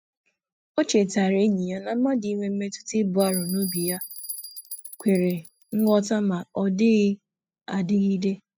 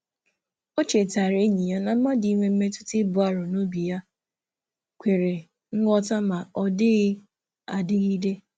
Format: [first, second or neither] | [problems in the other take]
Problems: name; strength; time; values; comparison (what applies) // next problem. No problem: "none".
second | noise reduction (classical method spectral subtraction)